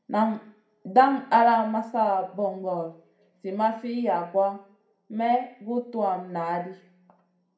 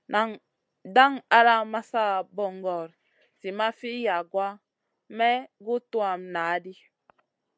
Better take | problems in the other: second | room echo; dies away in 0.5 s

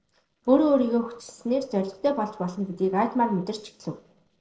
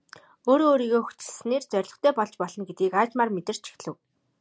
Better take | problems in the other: second | noise reduction (neural separator model SepFormer DNS4)

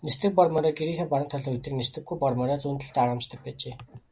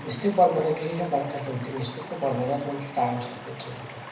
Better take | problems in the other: first | background sound (Stream); 13 dB below the speech // room echo; dies away in 0.7 s

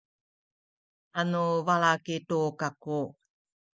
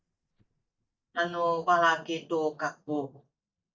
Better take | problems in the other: first | noise reduction (neural mask model DeepFilterNet 3)

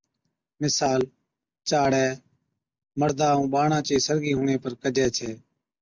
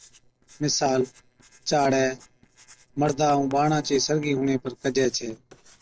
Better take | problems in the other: first | noise reduction (neural separator model SepFormer DNS4)

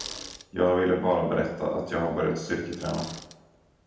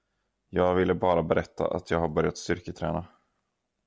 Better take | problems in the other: second | background sound (Bicycle); 18 dB below the speech // room echo; dies away in 0.9 s

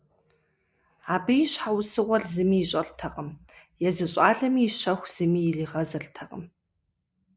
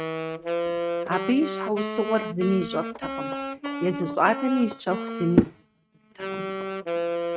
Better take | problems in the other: first | noise reduction (neural mask model RNNoise)

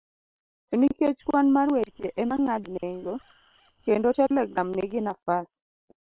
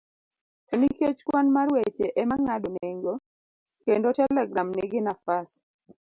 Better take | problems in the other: second | noise reduction (neural separator model SepFormer WHAM!)

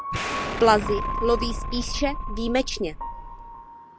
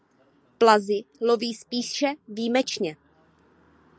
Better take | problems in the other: second | background sound (Explosion + Piano); 4 dB below the speech

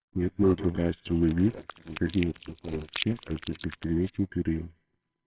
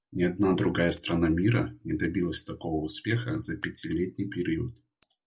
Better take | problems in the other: second | noise reduction (neural separator model SepFormer WHAMR!)

